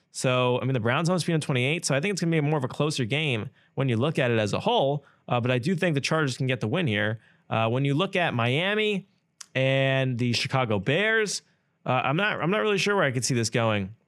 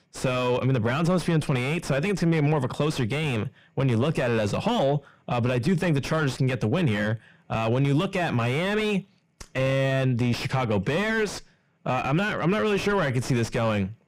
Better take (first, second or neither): first